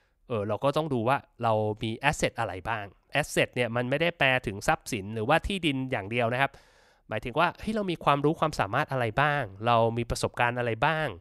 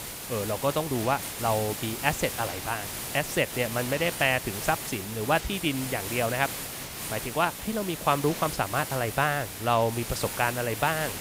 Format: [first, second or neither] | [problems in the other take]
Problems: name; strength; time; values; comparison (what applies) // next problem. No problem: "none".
first | hiss; loud; throughout; 6 dB below the speech